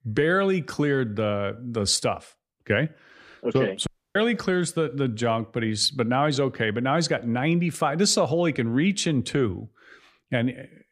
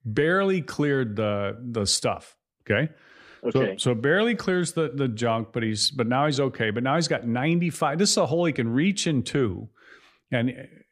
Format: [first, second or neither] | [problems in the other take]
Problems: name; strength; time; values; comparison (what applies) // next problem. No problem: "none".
second | audio cutting out; at 4 s